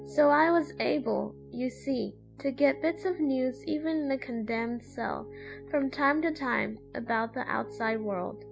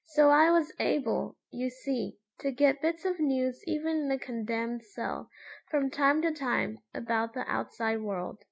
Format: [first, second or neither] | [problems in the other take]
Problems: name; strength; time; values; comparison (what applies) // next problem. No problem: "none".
second | background sound (Piano); 17 dB below the speech